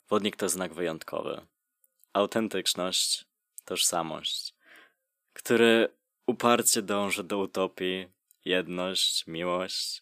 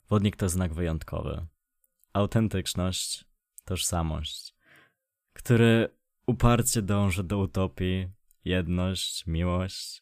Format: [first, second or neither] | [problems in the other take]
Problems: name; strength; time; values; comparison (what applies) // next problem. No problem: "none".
second | thin; somewhat; fading below 300 Hz